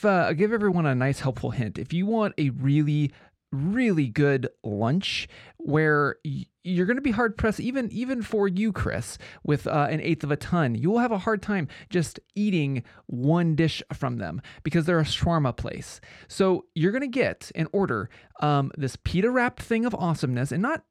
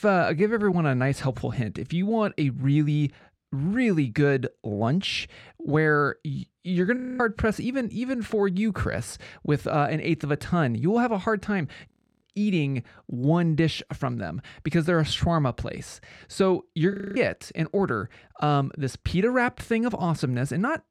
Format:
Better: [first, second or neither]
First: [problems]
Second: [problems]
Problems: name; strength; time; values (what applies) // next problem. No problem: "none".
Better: first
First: none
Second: audio freezing; at 7 s, at 12 s and at 17 s